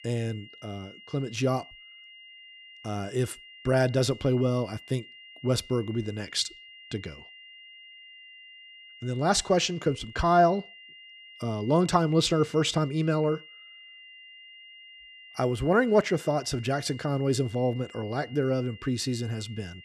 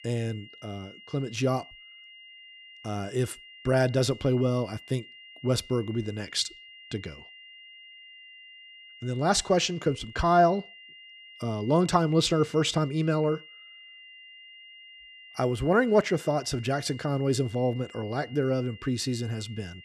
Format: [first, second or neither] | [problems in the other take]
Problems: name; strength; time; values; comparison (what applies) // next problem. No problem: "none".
neither | high-pitched whine; noticeable; throughout; 3 kHz, 20 dB below the speech; the same in both